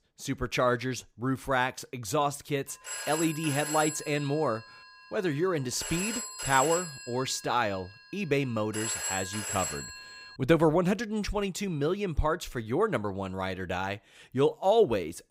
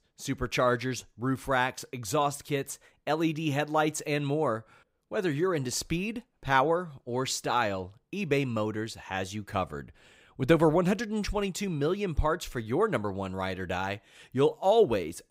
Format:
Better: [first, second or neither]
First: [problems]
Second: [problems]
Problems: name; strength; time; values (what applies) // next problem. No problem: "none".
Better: second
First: phone ringing; noticeable; from 3 to 10 s; peak 1 dB below the speech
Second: none